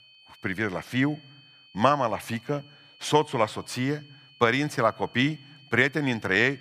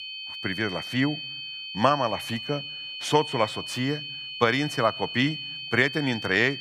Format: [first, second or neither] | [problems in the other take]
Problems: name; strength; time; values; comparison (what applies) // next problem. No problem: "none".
first | high-pitched whine; loud; throughout; 3 kHz, 7 dB below the speech; faint in the first